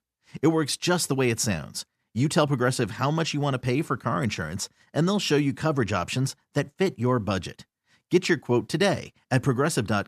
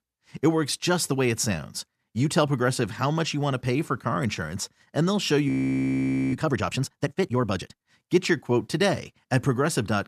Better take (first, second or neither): first